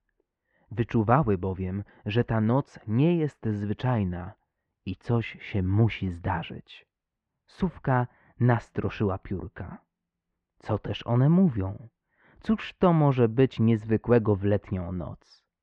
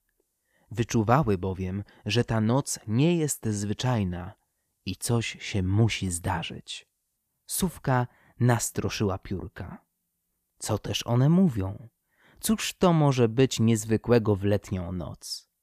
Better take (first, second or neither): second